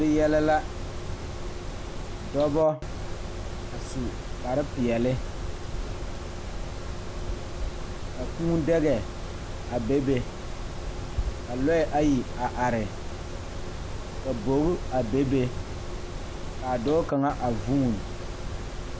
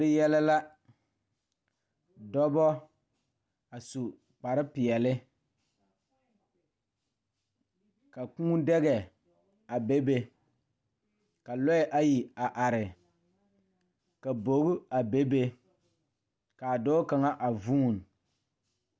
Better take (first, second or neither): second